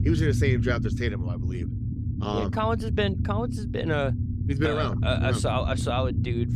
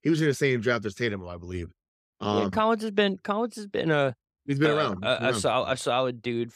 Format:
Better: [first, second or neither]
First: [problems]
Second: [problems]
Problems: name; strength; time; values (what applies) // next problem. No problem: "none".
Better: second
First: low rumble; noticeable; throughout; 10 dB below the speech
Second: none